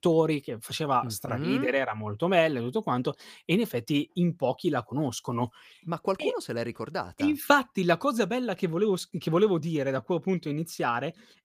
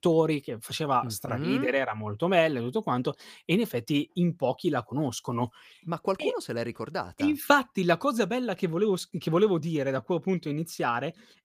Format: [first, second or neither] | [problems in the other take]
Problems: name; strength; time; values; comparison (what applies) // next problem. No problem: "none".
neither | none